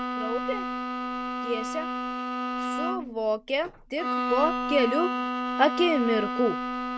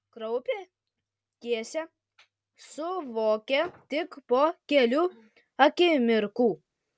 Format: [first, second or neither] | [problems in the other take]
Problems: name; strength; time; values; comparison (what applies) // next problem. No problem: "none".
second | background sound (Bowed string instrument); 2 dB below the speech